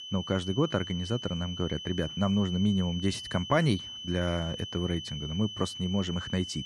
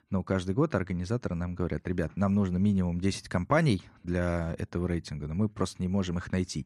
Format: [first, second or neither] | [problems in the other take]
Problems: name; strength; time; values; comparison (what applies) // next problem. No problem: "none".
second | high-pitched whine; loud; throughout; 3 kHz, 8 dB below the speech